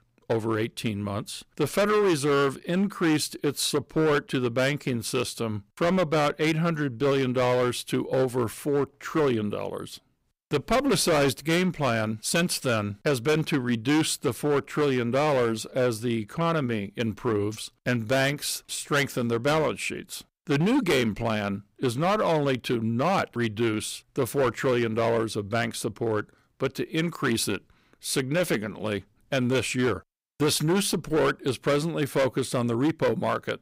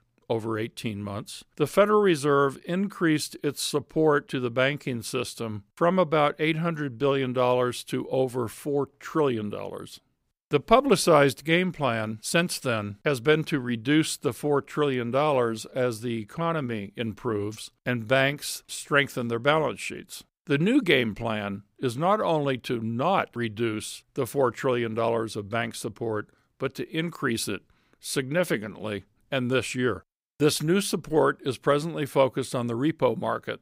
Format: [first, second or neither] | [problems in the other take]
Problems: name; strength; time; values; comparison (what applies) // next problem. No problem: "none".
second | distortion; heavy; 10% of the sound clipped